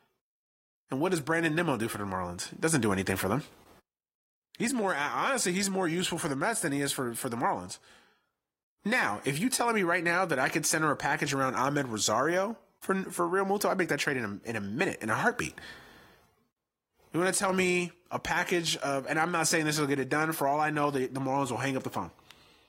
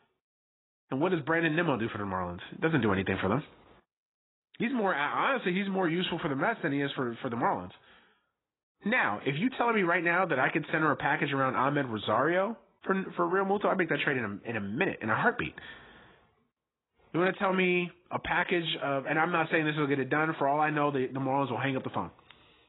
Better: first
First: garbled, watery; slightly; nothing above 15.5 kHz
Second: garbled, watery; badly; nothing above 4 kHz

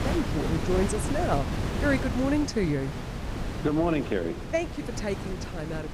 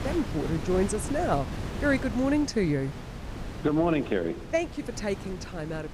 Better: second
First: wind noise on the microphone; heavy; 6 dB below the speech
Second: wind noise on the microphone; occasional gusts; 10 dB below the speech

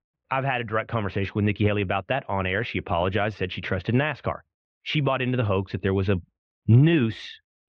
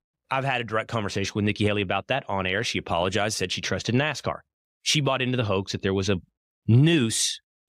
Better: second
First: muffled; very; fading above 2.5 kHz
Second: none

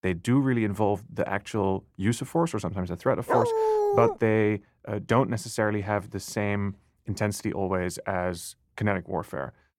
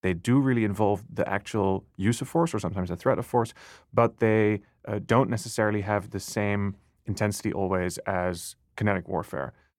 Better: second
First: dog barking; loud; at 3.5 s; peak 4 dB above the speech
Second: none

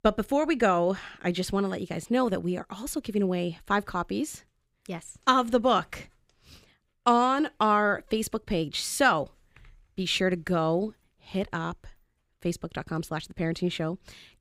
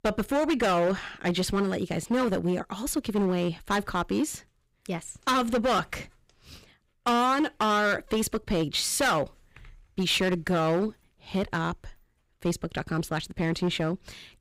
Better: first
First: none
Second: distortion; heavy; 11% of the sound clipped

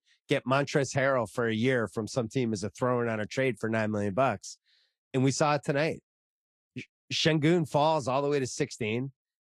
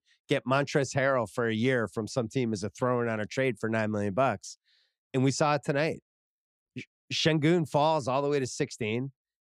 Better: second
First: garbled, watery; slightly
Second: none

